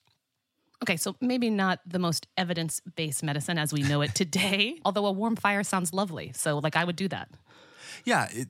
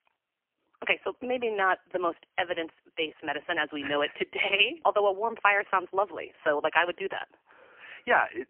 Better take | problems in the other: first | phone-call audio; poor line; nothing above 3 kHz

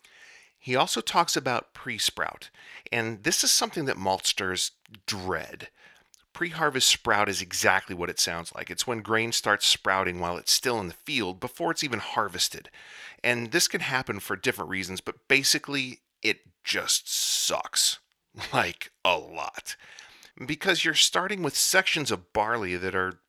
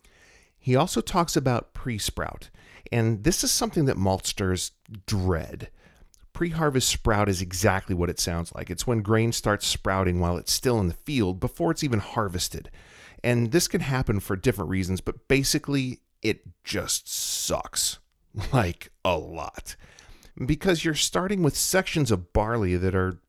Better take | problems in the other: second | thin; somewhat; fading below 1 kHz

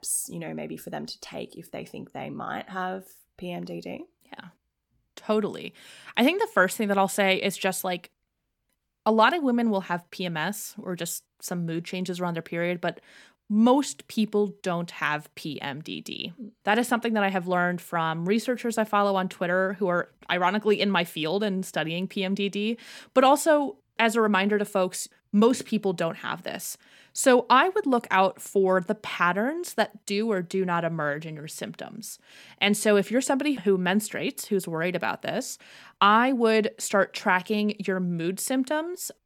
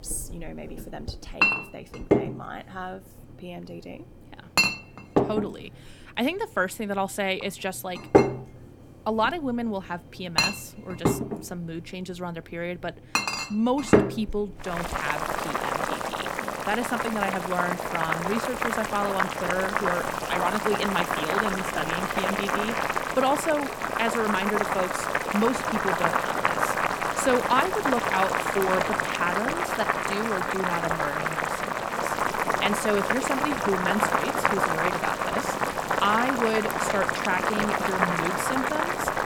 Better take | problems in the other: first | household noises; very loud; throughout; 3 dB above the speech

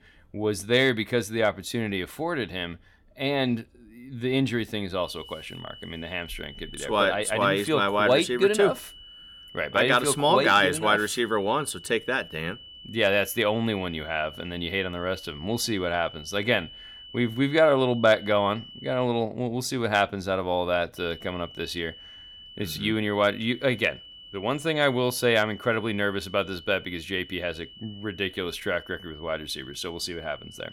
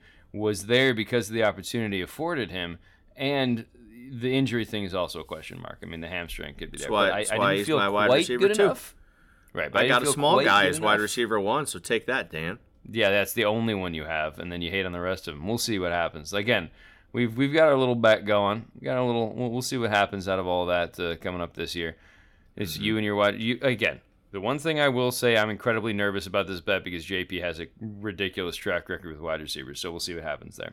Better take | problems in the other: second | high-pitched whine; noticeable; from 5 to 19 s and from 21 s on; 3 kHz, 20 dB below the speech

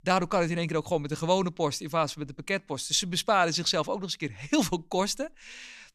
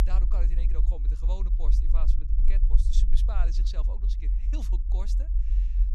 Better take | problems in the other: first | low rumble; loud; throughout; 4 dB below the speech

